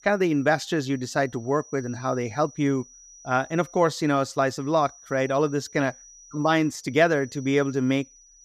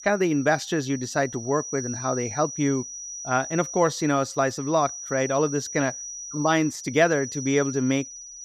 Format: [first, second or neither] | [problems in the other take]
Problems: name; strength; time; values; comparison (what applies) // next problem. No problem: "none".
first | high-pitched whine; loud; throughout; 6 kHz, 10 dB below the speech; faint in the first